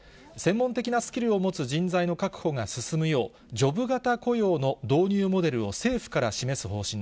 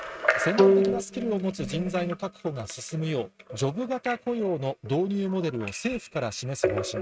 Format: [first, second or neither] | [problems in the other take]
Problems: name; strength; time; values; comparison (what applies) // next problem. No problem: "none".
first | noise reduction (neural mask model RNNoise)